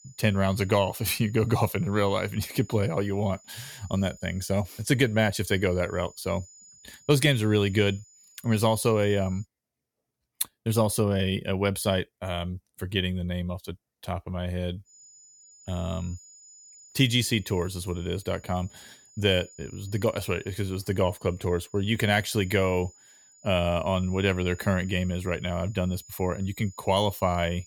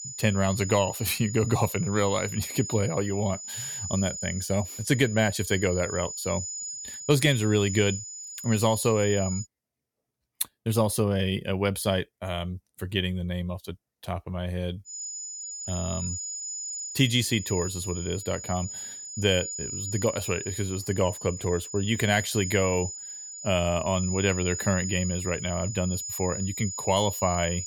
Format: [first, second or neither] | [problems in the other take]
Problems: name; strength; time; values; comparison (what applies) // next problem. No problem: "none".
first | high-pitched whine; loud; until 9.5 s and from 15 s on; 7 kHz, 7 dB below the speech; faint in the first